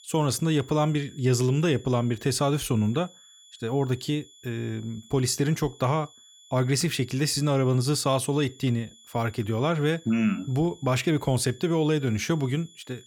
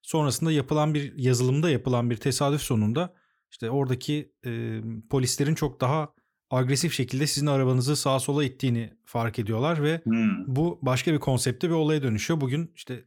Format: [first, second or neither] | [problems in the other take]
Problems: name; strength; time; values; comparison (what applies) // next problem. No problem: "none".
second | high-pitched whine; faint; throughout; 3.5 kHz, 25 dB below the speech